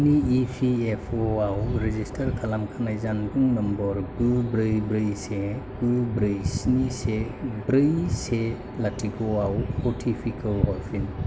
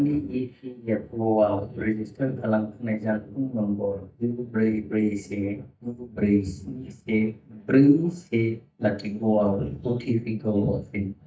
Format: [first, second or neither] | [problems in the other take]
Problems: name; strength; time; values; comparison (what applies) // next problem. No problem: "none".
first | noise reduction (neural mask model DeepFilterNet 3)